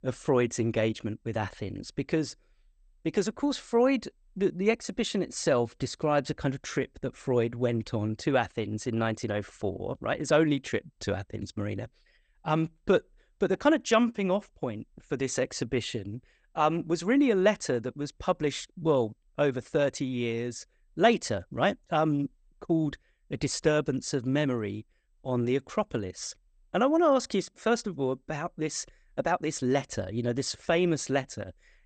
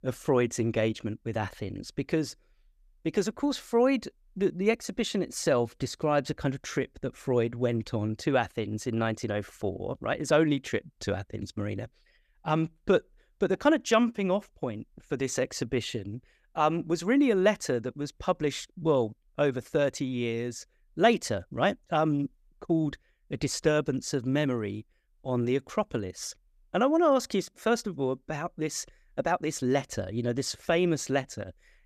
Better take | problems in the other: second | garbled, watery; slightly; nothing above 8.5 kHz

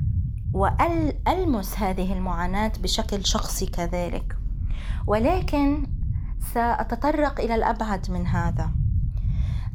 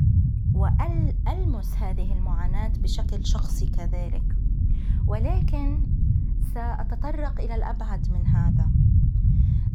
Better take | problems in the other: first | low rumble; loud; throughout; 2 dB below the speech; faint in the first

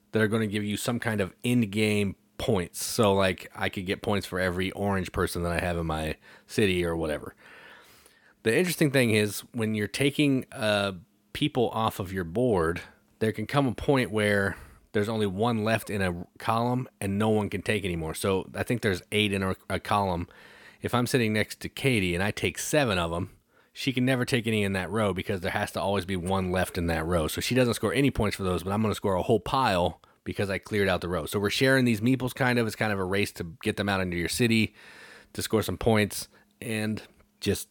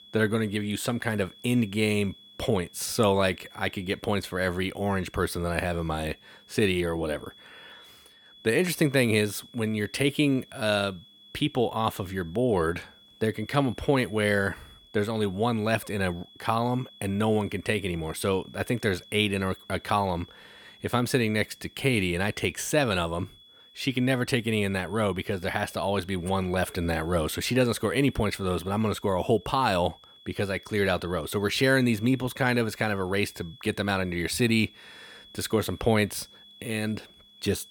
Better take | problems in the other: first | high-pitched whine; faint; throughout; 3.5 kHz, 25 dB below the speech

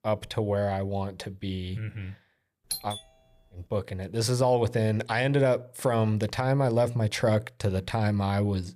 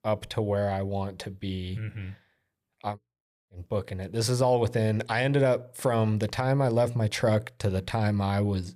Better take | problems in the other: second | doorbell; noticeable; at 2.5 s; peak 6 dB below the speech

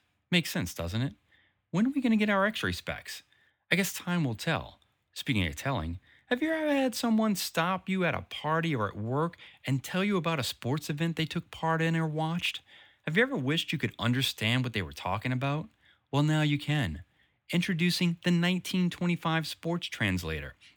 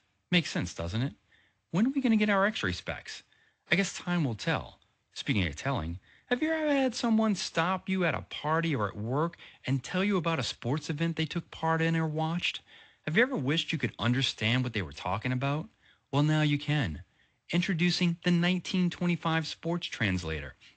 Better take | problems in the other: first | garbled, watery; slightly; nothing above 8 kHz

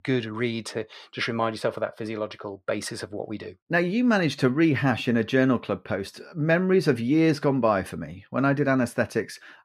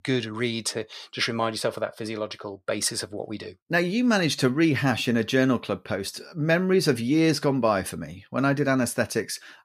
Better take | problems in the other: second | muffled; slightly; fading above 3.5 kHz

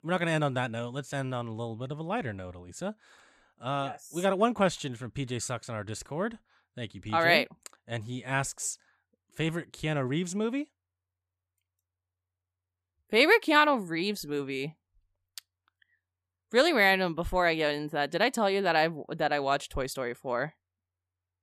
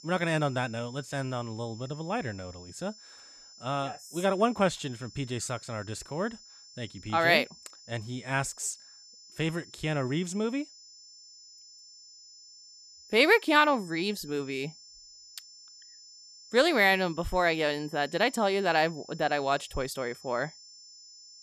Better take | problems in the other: first | high-pitched whine; faint; throughout; 5.5 kHz, 20 dB below the speech

